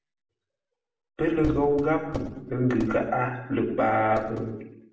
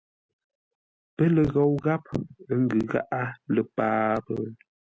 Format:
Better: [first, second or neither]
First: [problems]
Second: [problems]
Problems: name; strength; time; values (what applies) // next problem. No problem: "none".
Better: second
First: room echo; dies away in 0.7 s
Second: none